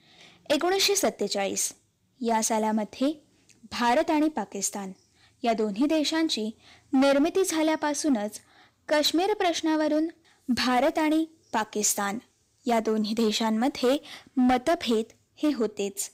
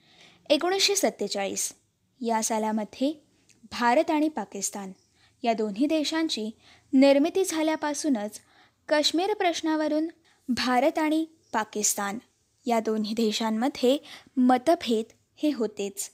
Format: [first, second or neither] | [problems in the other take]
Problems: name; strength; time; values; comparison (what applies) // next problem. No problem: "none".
second | distortion; slight; 6% of the sound clipped